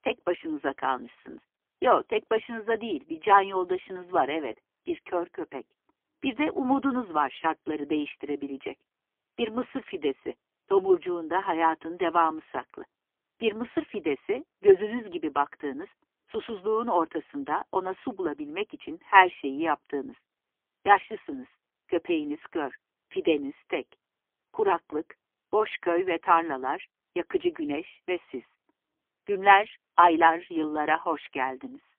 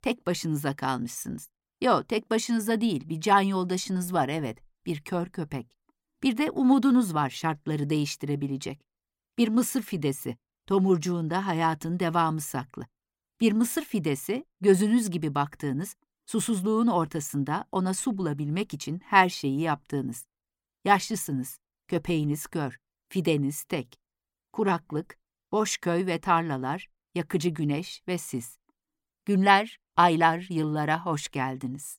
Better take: second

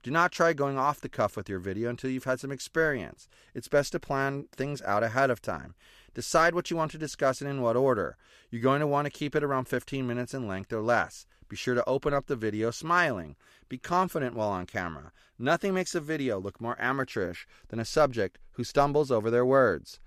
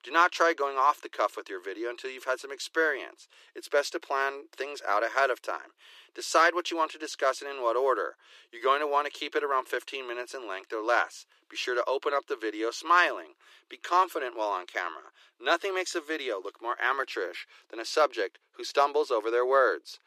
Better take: first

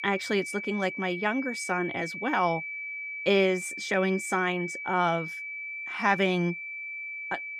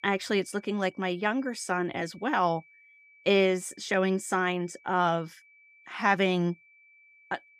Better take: second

